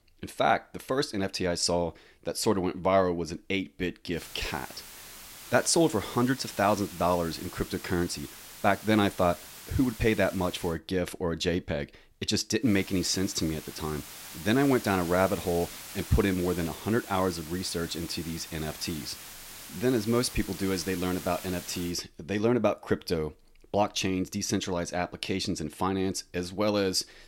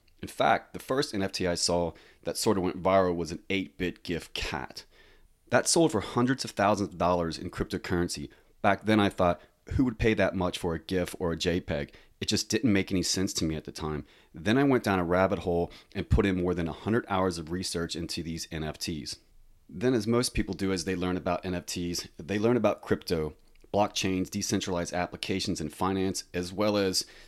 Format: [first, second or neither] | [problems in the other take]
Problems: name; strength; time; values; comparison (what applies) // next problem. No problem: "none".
second | hiss; noticeable; from 4 to 11 s and from 13 to 22 s; 15 dB below the speech